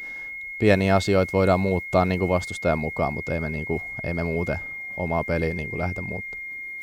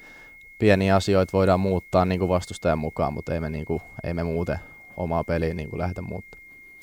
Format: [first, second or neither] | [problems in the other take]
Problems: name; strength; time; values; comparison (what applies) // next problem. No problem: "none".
second | high-pitched whine; loud; throughout; 2 kHz, 8 dB below the speech; faint in the second